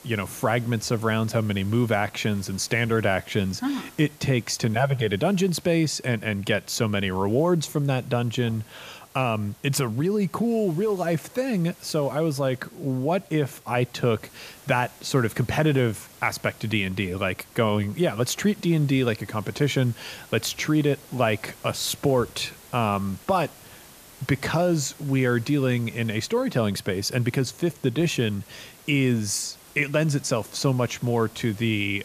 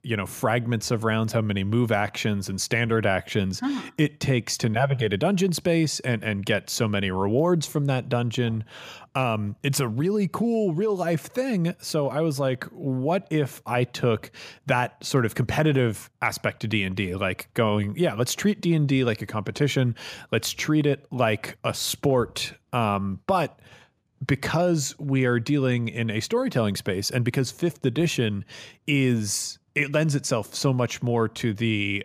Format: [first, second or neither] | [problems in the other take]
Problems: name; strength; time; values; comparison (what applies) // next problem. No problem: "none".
second | hiss; faint; throughout; 25 dB below the speech